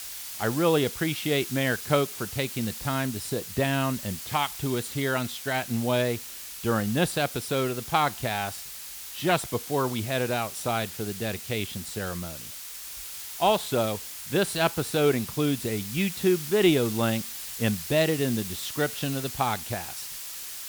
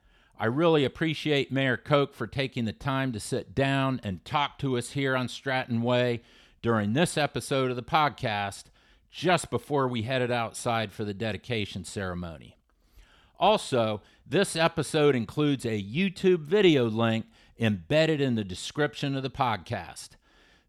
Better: second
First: hiss; loud; throughout; 8 dB below the speech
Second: none

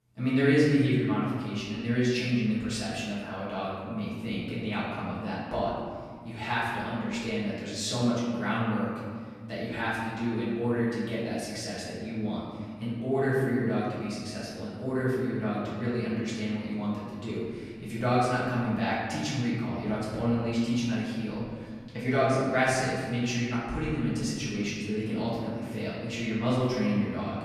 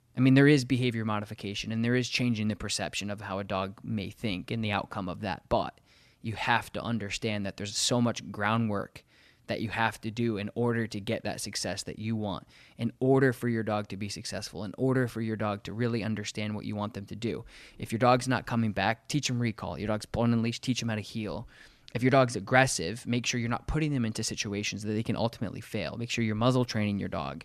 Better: second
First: off-mic speech; far // room echo; strong; dies away in 1.7 s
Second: none

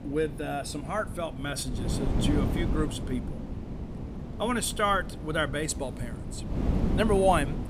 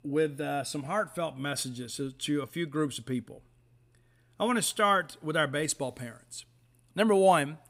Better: second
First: wind noise on the microphone; occasional gusts; 10 dB below the speech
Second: none

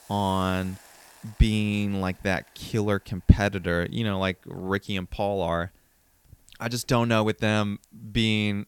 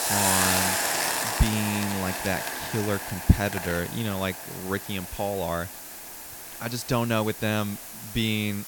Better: first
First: hiss; faint; throughout; 30 dB below the speech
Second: hiss; loud; throughout; 1 dB below the speech

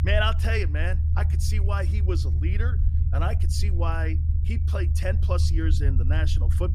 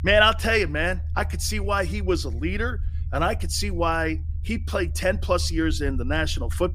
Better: second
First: low rumble; loud; throughout; 9 dB below the speech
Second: low rumble; faint; throughout; 25 dB below the speech

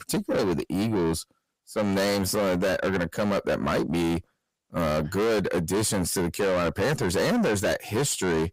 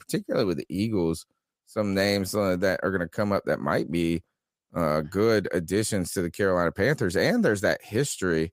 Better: second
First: distortion; heavy; 6 dB below the speech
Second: none

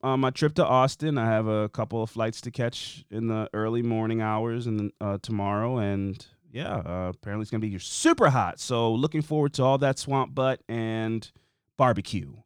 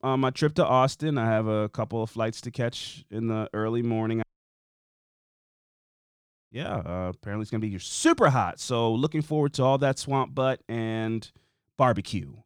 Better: first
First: none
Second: audio cutting out; at 4 s for 2.5 s

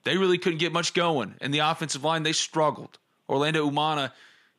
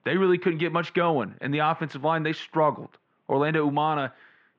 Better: first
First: none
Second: muffled; very; fading above 2 kHz

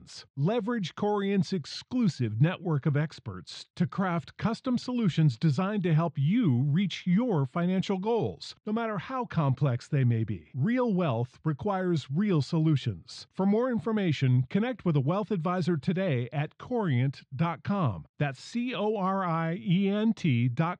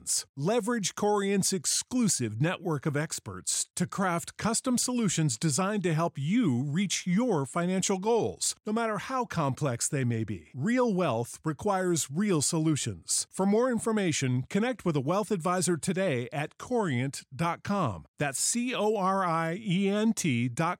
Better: second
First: muffled; slightly; fading above 4 kHz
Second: none

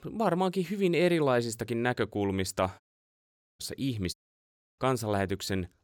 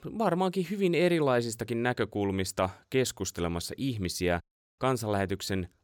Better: second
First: audio cutting out; at 3 s for 1 s and at 4 s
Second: none

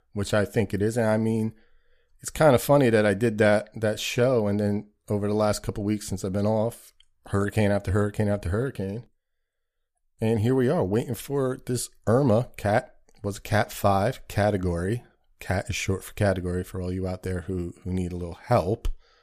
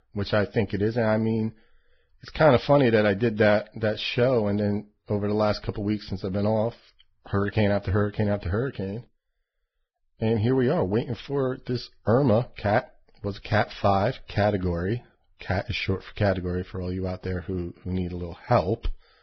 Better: first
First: none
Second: garbled, watery; badly; nothing above 5.5 kHz

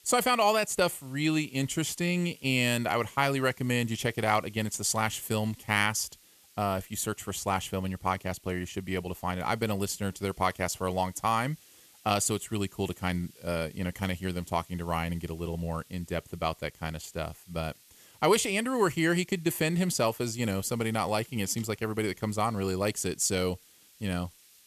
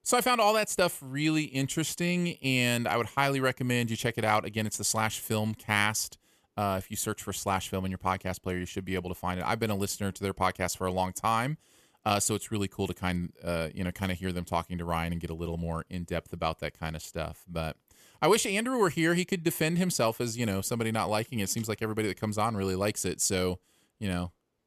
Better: second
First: hiss; faint; throughout; 25 dB below the speech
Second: none

